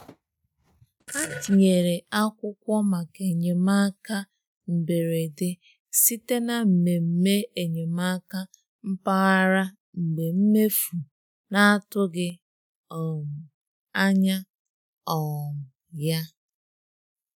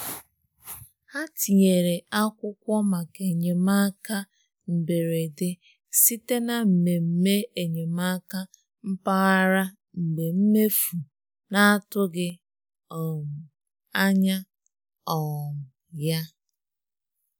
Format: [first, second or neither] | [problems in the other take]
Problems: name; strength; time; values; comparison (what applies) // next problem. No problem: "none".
second | noise reduction (neural mask model RNNoise)